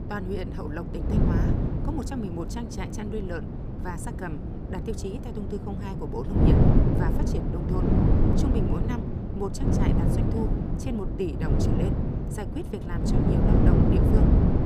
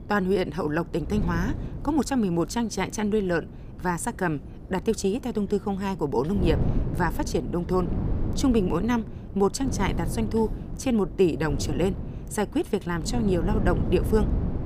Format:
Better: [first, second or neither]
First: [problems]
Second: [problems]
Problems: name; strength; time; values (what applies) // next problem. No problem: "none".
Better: second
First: wind noise on the microphone; heavy; 4 dB above the speech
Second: wind noise on the microphone; occasional gusts; 10 dB below the speech